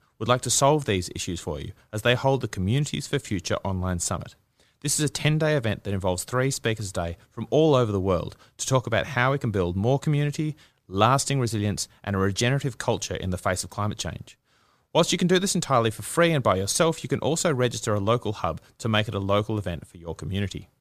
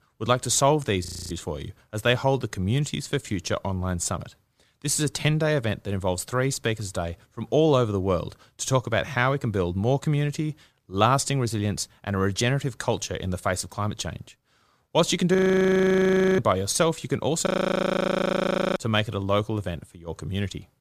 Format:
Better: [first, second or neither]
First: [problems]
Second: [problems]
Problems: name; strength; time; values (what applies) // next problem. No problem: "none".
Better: first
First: none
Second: audio freezing; at 1 s, at 15 s for 1 s and at 17 s for 1.5 s